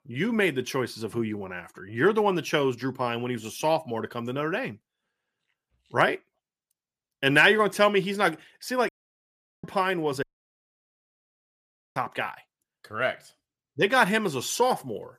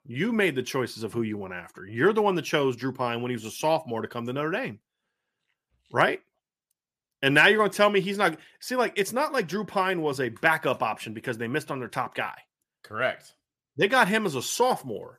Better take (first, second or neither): second